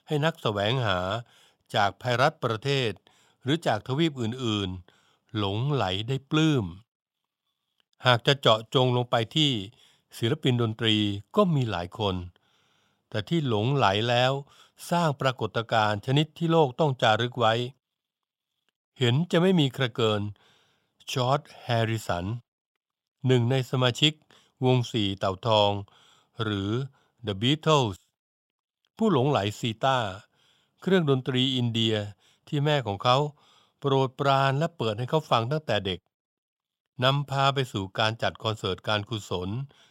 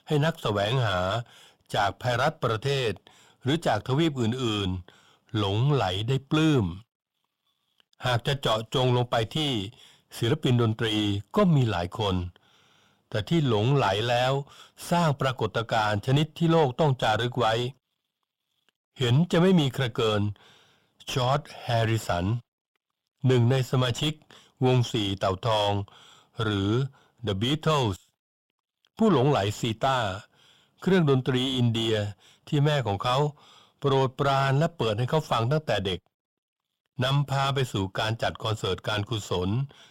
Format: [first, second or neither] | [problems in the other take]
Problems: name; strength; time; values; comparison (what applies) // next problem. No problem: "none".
first | distortion; heavy; 6 dB below the speech